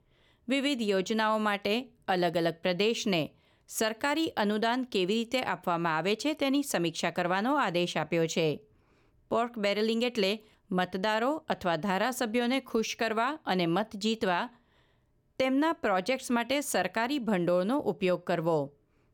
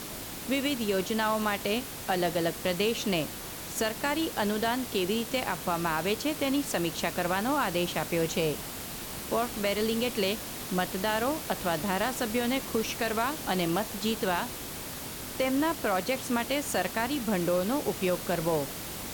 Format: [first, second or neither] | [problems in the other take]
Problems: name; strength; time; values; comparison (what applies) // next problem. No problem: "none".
first | hiss; loud; throughout; 7 dB below the speech